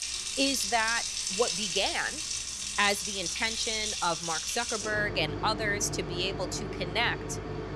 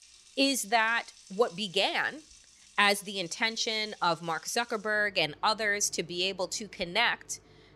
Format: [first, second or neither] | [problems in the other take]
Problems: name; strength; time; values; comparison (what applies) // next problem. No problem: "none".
second | household noises; loud; throughout; 2 dB below the speech; faint in the second